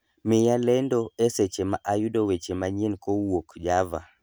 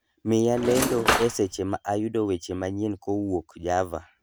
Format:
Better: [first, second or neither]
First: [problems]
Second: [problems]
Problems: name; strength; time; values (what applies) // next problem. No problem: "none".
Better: first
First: none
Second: background sound (Cutlery, silverware / Drawer open or close); as loud as the speech